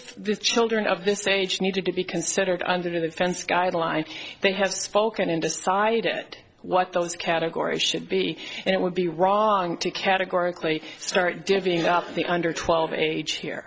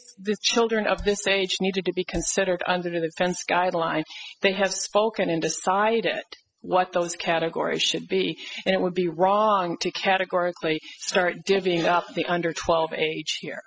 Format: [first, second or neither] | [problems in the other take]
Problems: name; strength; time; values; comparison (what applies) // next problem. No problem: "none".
first | noise reduction (classical method spectral subtraction)